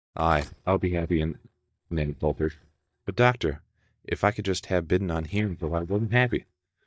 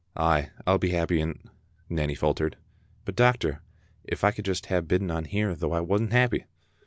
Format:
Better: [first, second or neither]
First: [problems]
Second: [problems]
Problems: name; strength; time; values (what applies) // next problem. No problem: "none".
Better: second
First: noise reduction (neural mask model DeepFilterNet 3)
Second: none